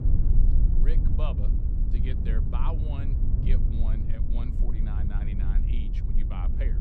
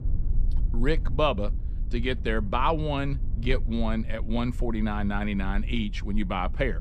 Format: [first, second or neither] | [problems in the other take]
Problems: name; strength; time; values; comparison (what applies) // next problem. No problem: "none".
second | low rumble; loud; throughout; 1 dB below the speech; faint in the second